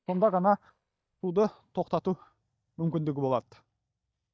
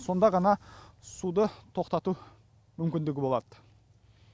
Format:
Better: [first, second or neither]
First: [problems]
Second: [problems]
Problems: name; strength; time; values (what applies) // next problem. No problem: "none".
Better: second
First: noise reduction (neural mask model DeepFilterNet 3)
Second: none